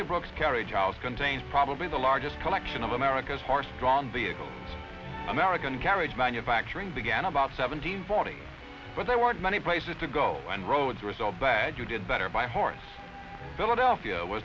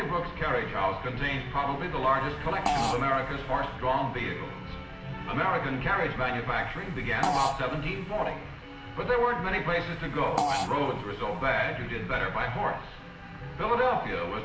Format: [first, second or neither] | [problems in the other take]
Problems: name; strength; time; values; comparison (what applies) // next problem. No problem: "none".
first | background sound (Fart); 5 dB below the speech // room echo; dies away in 0.8 s